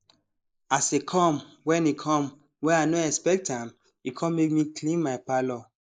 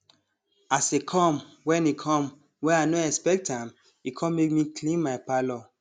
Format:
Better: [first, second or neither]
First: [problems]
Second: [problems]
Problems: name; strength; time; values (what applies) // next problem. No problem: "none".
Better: second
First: noise reduction (neural mask model Resemble Enhance denoiser)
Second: none